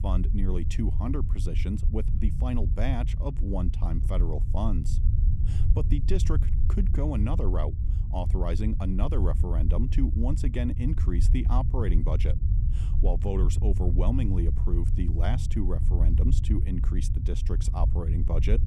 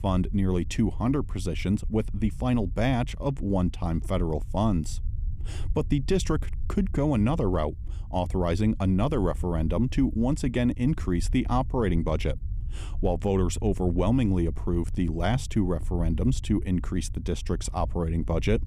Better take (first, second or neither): second